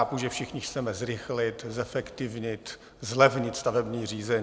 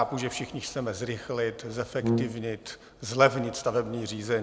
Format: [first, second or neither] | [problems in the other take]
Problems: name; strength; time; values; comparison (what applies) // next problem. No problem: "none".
first | background sound (Brass instrument); 1 dB below the speech